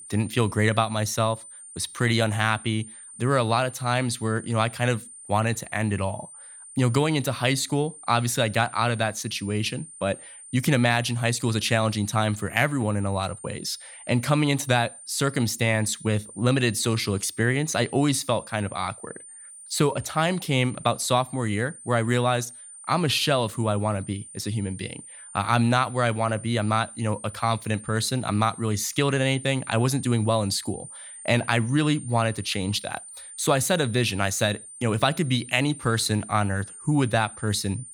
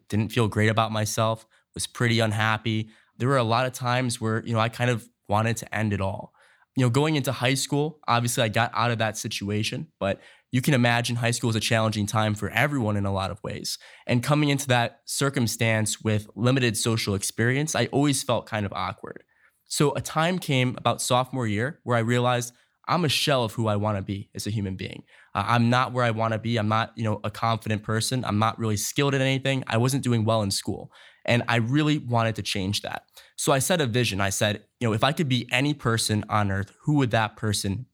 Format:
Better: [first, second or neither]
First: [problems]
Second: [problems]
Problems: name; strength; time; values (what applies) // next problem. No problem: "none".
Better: second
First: high-pitched whine; noticeable; throughout; 9 kHz, 15 dB below the speech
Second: none